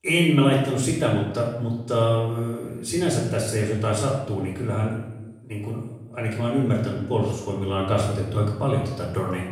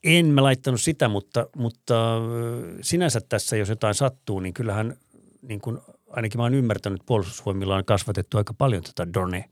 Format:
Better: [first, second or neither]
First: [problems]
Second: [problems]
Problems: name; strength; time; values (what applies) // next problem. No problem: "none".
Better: second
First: off-mic speech; far // room echo; noticeable; dies away in 0.8 s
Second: none